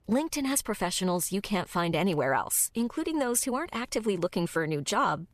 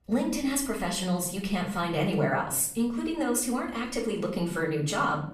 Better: first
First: none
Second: room echo; slight; dies away in 0.6 s // off-mic speech; far

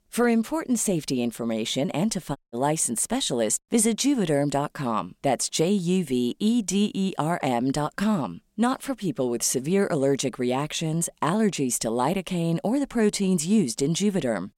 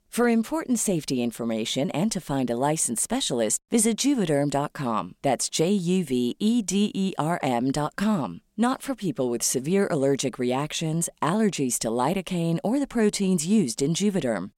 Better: second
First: audio cutting out; at 2.5 s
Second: none

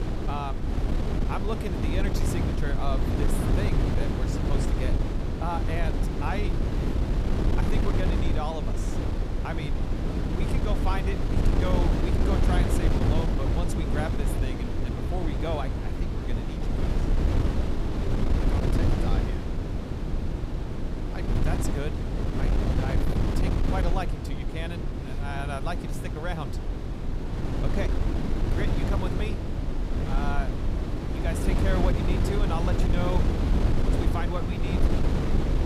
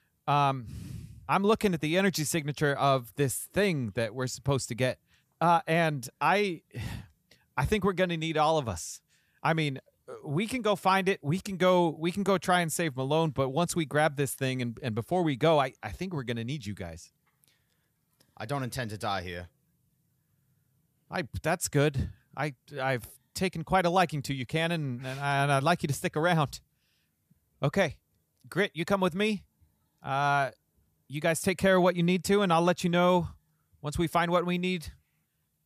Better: second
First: wind noise on the microphone; heavy; 1 dB above the speech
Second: none

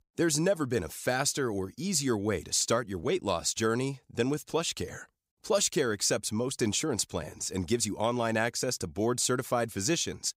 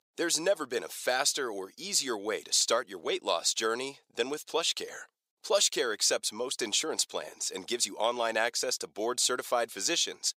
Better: first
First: none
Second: thin; somewhat; fading below 550 Hz

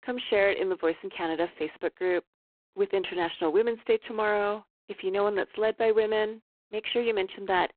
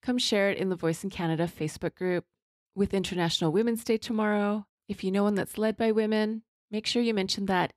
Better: second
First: phone-call audio; poor line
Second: none

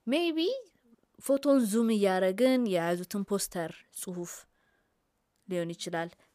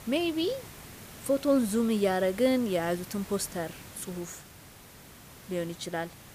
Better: first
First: none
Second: hiss; noticeable; throughout; 15 dB below the speech

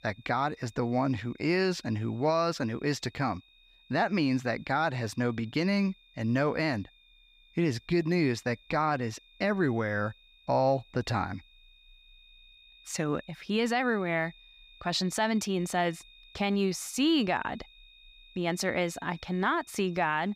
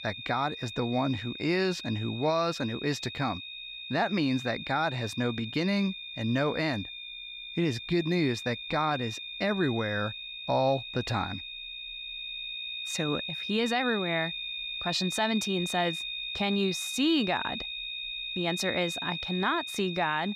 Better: first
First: high-pitched whine; faint; throughout; 3.5 kHz, 25 dB below the speech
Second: high-pitched whine; loud; throughout; 3.5 kHz, 6 dB below the speech

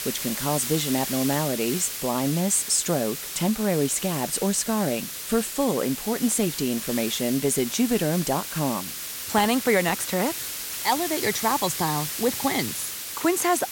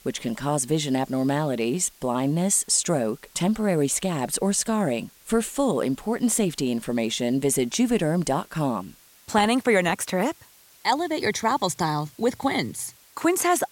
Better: second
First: hiss; loud; throughout; 5 dB below the speech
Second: hiss; faint; throughout; 25 dB below the speech

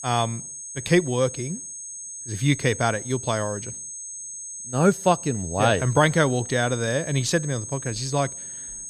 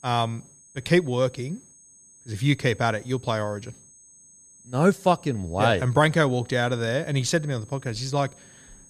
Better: second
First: high-pitched whine; loud; throughout; 6.5 kHz, 10 dB below the speech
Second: high-pitched whine; faint; throughout; 6.5 kHz, 25 dB below the speech

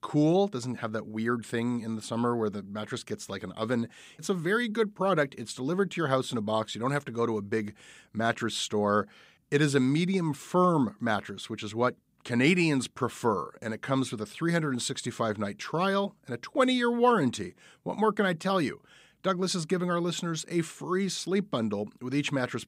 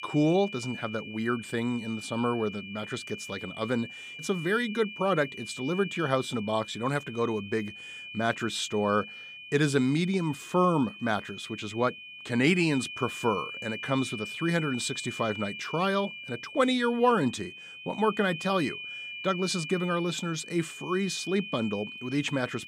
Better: first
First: none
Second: high-pitched whine; noticeable; throughout; 2.5 kHz, 10 dB below the speech

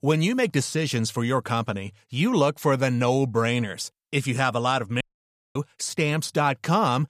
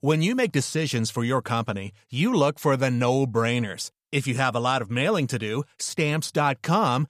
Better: second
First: audio cutting out; at 5 s for 0.5 s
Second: none

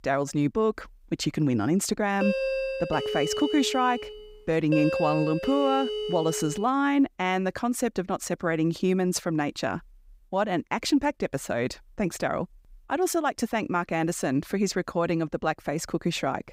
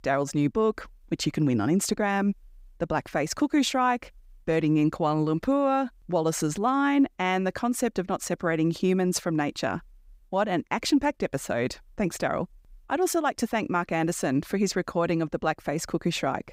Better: second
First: doorbell; noticeable; from 2 to 6.5 s; peak level with the speech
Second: none

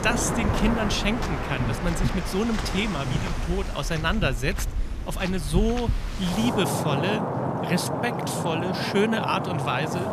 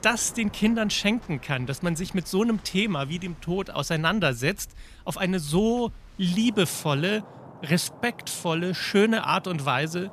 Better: second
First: rain or running water; loud; throughout; 2 dB below the speech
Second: rain or running water; faint; throughout; 20 dB below the speech

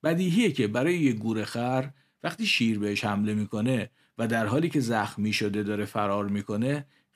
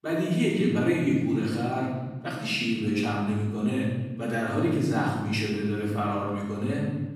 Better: first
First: none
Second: room echo; noticeable; dies away in 1.6 s // off-mic speech; far

